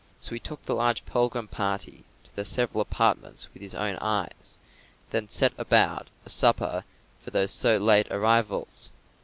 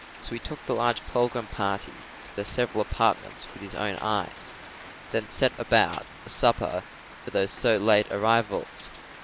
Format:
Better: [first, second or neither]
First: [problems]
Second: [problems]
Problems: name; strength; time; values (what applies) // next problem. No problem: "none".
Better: first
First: none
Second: background sound (Rain); 16 dB below the speech